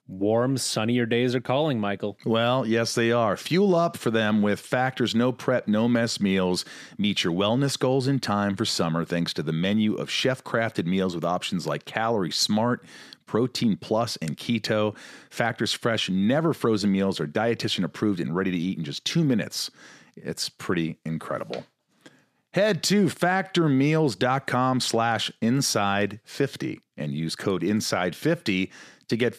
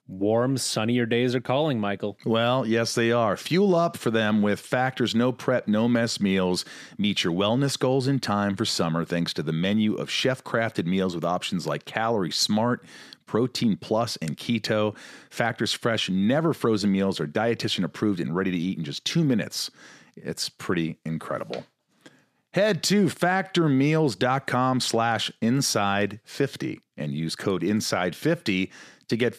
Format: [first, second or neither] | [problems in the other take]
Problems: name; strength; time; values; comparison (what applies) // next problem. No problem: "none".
neither | none